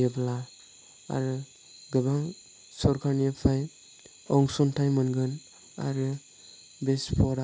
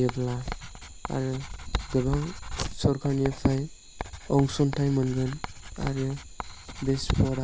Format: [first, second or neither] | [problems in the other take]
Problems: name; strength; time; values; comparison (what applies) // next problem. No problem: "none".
first | background sound (Writing); 8 dB below the speech